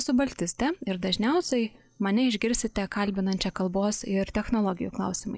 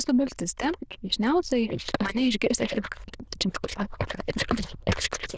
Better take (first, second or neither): first